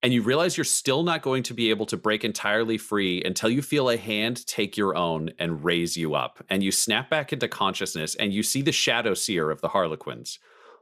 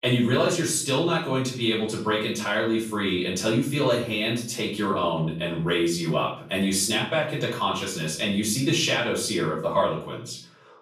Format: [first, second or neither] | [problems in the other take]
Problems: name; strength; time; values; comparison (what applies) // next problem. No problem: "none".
first | room echo; noticeable; dies away in 0.5 s // off-mic speech; far